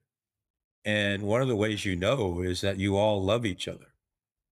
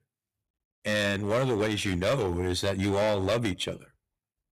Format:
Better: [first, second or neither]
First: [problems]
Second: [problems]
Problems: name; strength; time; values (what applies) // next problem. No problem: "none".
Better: first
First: none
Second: distortion; heavy; 9% of the sound clipped